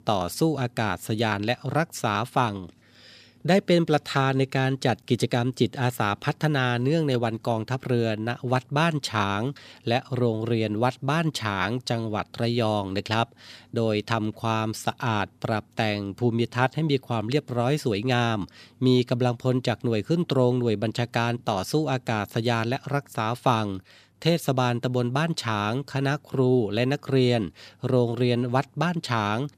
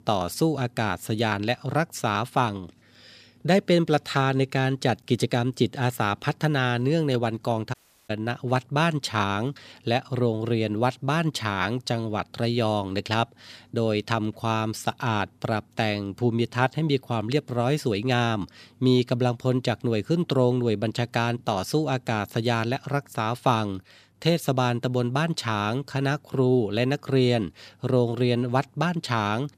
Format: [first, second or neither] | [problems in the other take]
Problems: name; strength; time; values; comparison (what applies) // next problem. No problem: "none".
first | audio cutting out; at 7.5 s